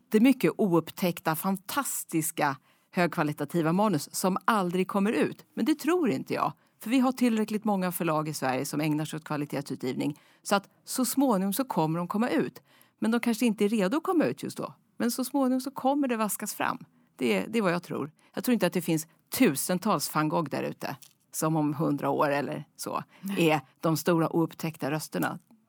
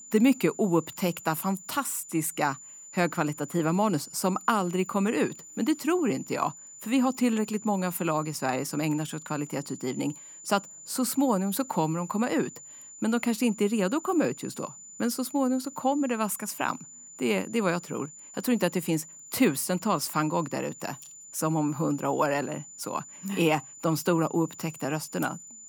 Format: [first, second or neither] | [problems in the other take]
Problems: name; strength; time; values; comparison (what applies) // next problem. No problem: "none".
first | high-pitched whine; noticeable; throughout; 7 kHz, 15 dB below the speech